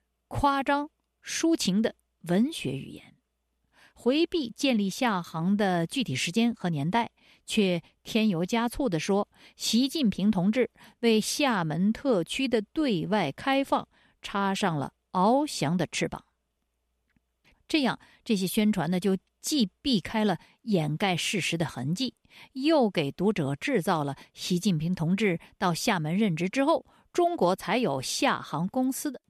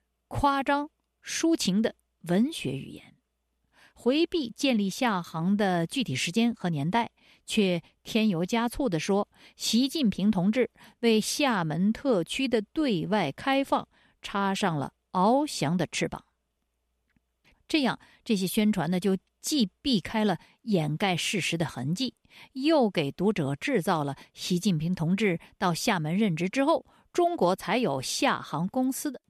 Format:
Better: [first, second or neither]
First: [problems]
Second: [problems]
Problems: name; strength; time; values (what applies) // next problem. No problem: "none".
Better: neither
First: none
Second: none